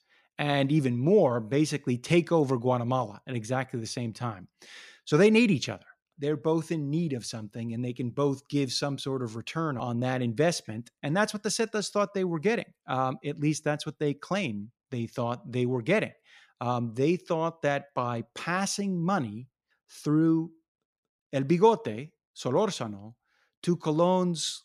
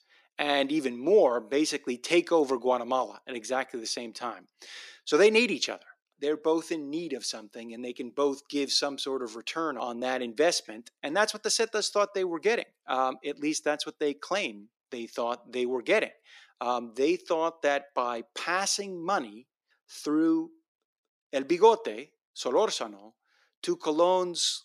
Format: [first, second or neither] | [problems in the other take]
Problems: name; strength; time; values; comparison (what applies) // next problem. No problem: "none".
first | thin; somewhat; fading below 300 Hz